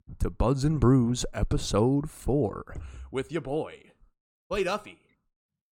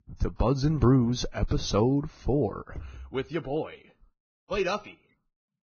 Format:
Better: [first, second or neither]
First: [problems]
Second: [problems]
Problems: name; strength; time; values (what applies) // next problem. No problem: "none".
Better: first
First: none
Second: garbled, watery; badly; nothing above 6.5 kHz